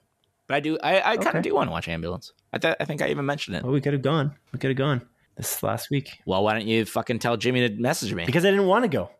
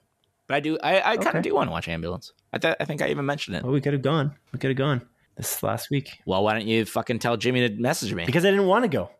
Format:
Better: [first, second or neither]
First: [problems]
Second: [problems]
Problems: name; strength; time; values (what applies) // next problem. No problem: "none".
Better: neither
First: none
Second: none